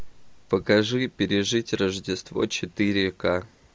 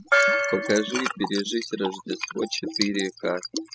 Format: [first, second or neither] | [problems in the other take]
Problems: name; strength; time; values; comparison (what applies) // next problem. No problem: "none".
first | noise reduction (classical method spectral subtraction)